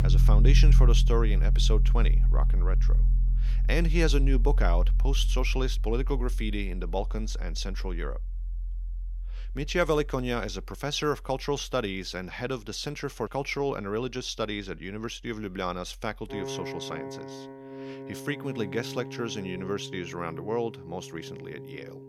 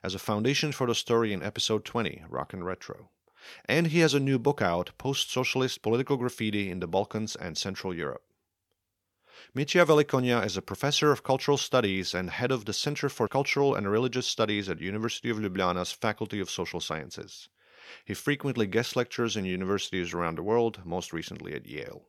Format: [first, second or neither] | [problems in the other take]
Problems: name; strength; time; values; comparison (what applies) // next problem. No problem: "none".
second | background music; very loud; throughout; 4 dB above the speech